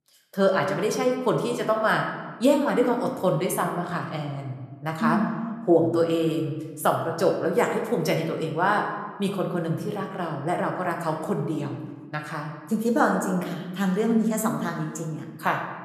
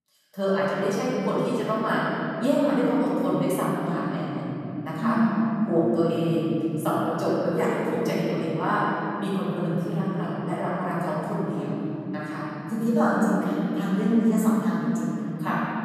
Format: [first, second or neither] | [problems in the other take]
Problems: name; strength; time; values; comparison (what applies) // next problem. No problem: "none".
first | room echo; strong; dies away in 3 s; slight in the first // off-mic speech; far